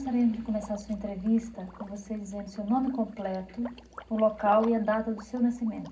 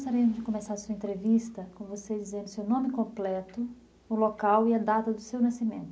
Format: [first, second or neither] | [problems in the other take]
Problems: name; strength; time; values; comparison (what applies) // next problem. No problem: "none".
second | background sound (Liquid); 18 dB below the speech // room echo; dies away in 0.4 s